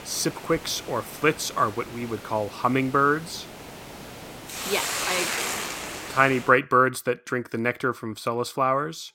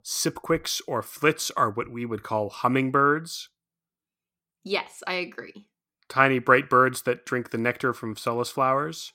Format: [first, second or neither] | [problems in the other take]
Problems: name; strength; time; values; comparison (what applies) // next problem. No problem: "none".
second | hiss; loud; until 6.5 s; 8 dB below the speech